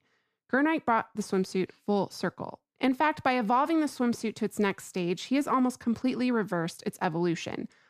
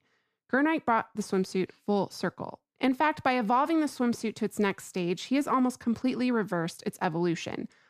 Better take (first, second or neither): neither